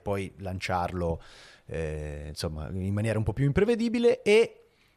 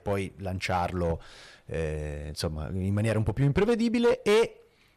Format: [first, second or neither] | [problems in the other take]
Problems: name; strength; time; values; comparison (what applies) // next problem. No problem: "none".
first | distortion; slight; 5% of the sound clipped